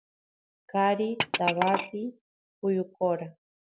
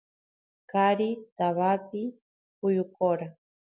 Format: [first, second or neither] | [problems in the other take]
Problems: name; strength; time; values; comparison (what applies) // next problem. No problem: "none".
second | background sound (Glass); 6 dB below the speech